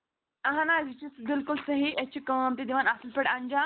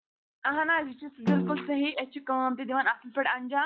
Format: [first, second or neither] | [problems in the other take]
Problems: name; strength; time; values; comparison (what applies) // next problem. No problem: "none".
first | noise reduction (classical method log-MMSE)